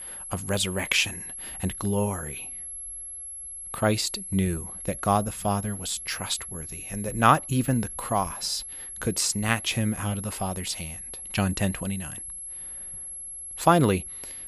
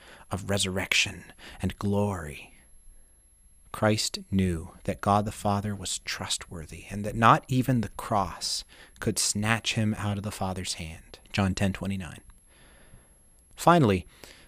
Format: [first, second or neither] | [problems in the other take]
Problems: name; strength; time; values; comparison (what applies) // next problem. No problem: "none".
second | high-pitched whine; loud; throughout; 11 kHz, 9 dB below the speech; faint in the second